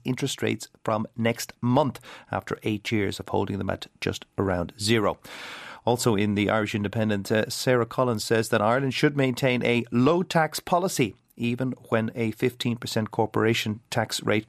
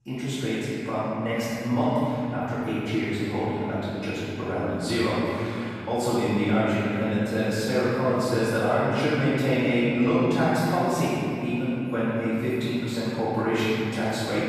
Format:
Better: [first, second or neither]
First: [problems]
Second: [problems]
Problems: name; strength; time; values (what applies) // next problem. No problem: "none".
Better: first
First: none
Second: off-mic speech; far // room echo; strong; dies away in 3 s